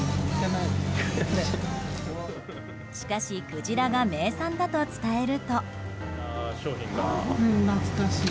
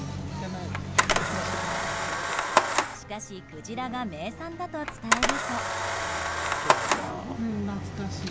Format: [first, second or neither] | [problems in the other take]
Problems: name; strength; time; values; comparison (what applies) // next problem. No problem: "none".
first | background sound (Camera); 5 dB above the speech